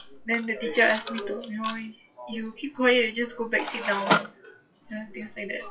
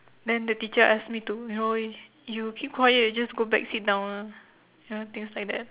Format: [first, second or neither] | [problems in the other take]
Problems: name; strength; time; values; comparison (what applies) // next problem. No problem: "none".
second | noise reduction (classical method WPE with log-MMSE)